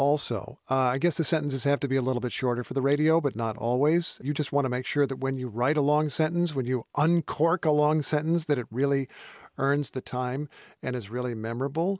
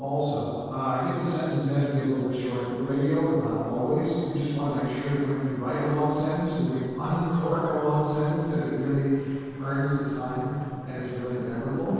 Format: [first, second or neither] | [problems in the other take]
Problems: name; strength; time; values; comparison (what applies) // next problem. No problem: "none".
first | noise reduction (neural separator model SepFormer DNS4)